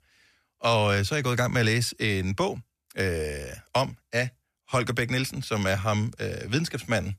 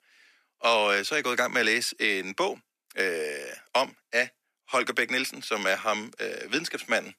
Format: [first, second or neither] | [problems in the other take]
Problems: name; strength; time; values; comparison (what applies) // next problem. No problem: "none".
first | thin; somewhat; fading below 250 Hz